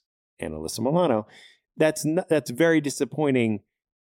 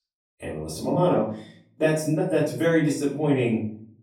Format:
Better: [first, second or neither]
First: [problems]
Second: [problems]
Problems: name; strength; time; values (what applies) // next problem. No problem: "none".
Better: first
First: none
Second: off-mic speech; far // room echo; noticeable; dies away in 0.4 s